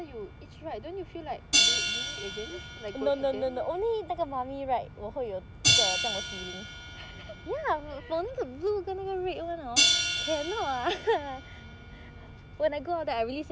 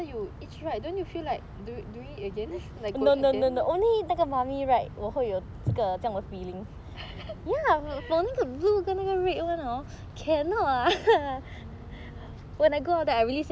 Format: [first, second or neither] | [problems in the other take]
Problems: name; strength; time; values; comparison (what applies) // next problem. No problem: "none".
second | background sound (Hi-hat); as loud as the speech